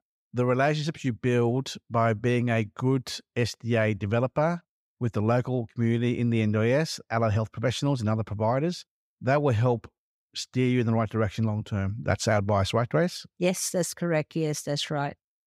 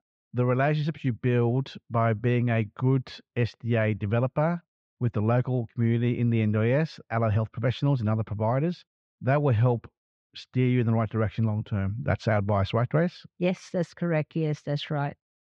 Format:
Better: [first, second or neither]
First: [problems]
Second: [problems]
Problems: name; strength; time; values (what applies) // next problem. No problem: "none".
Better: first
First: none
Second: muffled; slightly; fading above 3.5 kHz